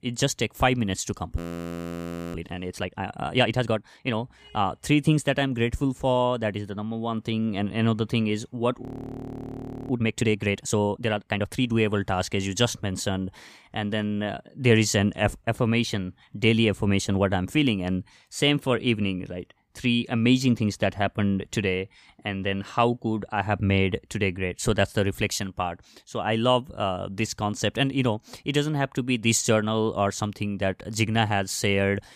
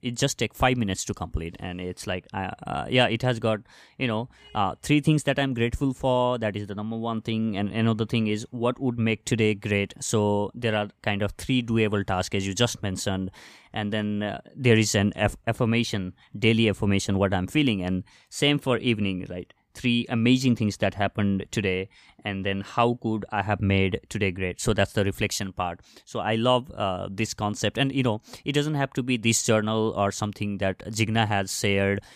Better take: second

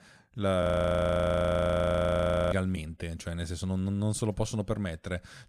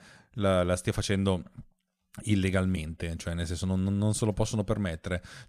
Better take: second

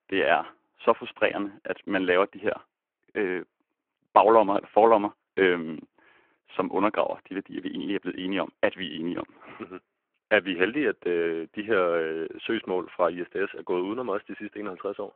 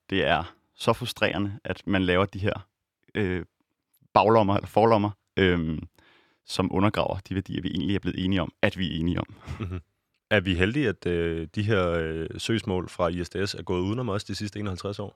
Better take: second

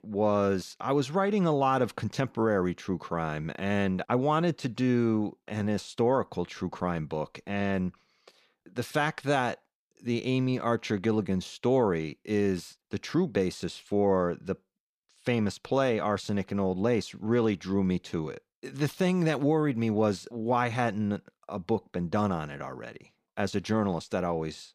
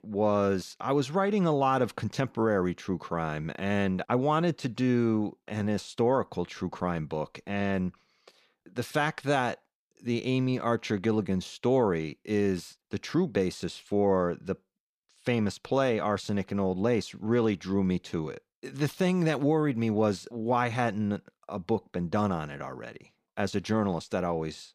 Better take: neither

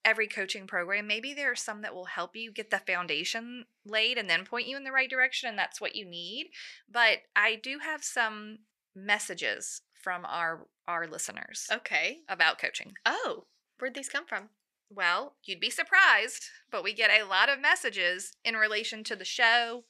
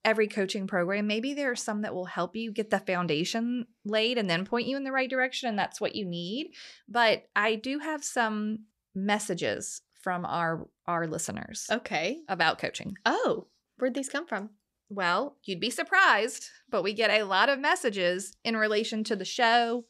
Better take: second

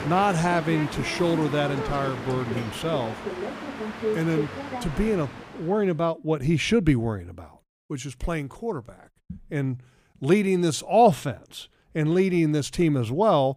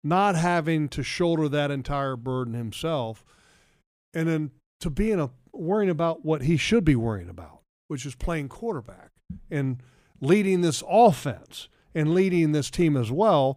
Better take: second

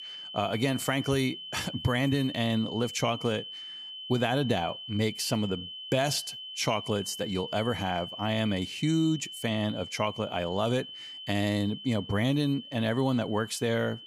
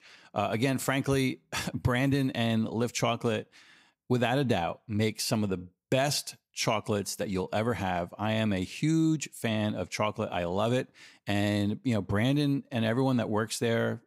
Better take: second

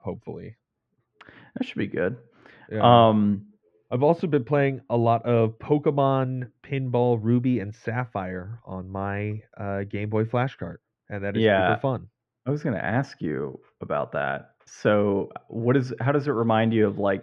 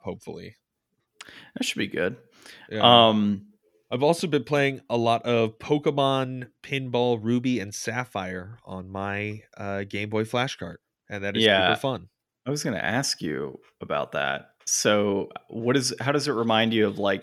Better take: second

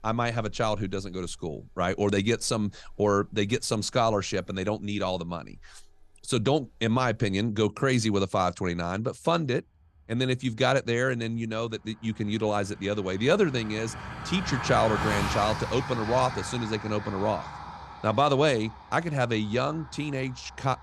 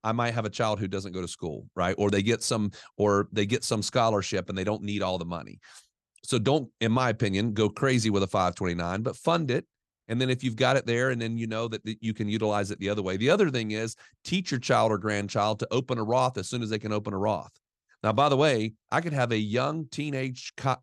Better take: second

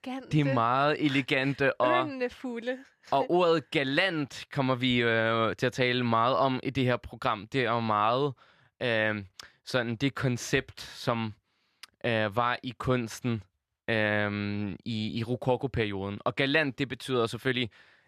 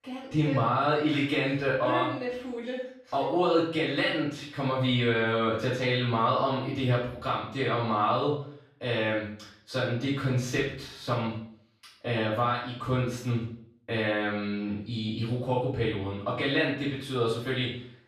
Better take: first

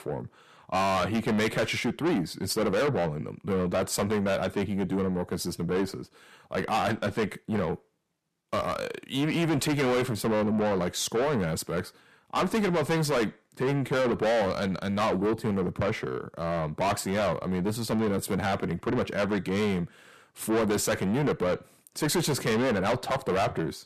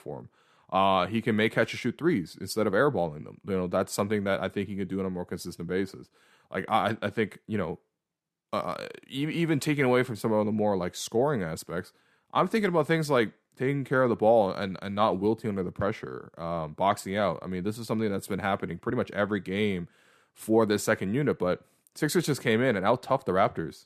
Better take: second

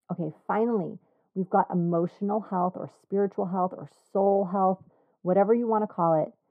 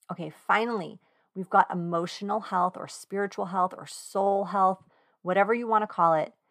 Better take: second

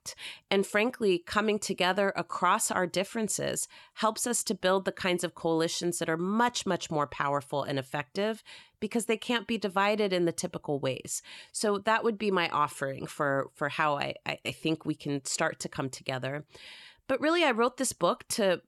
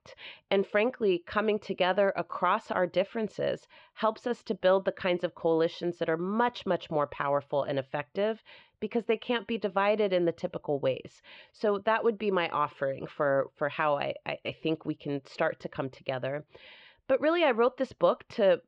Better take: first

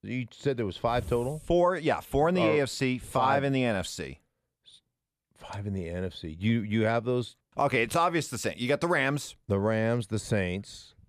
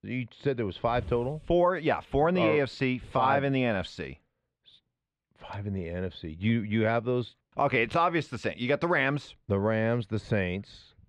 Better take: first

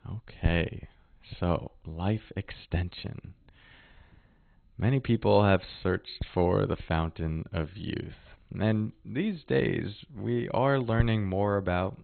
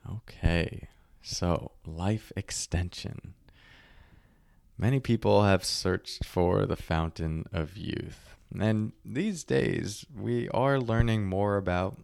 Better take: second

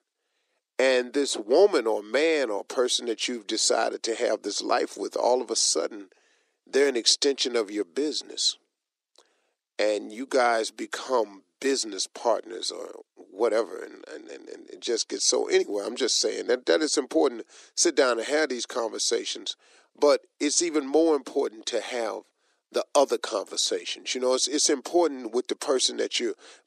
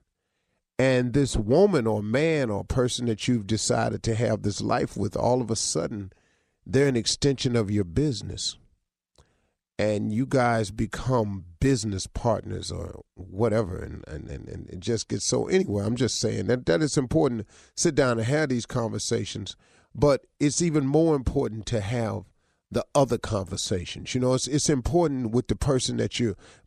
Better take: second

